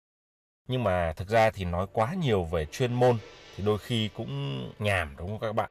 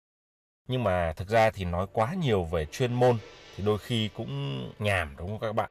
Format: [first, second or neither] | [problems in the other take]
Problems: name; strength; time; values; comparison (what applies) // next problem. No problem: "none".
neither | background music; faint; from 2 s on; 25 dB below the speech; the same in both